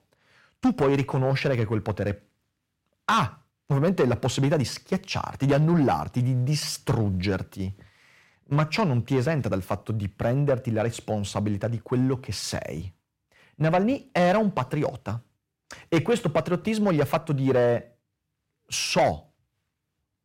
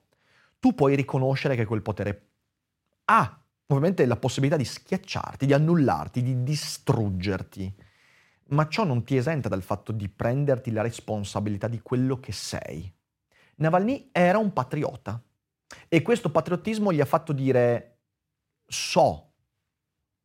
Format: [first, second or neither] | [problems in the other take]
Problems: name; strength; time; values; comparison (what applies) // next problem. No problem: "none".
second | distortion; slight; 10 dB below the speech